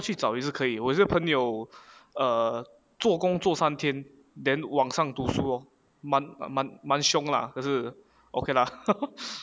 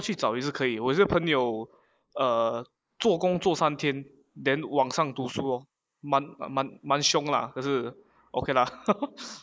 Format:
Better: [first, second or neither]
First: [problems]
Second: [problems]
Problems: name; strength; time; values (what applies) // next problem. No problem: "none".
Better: first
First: none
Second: noise reduction (neural mask model Resemble Enhance denoiser)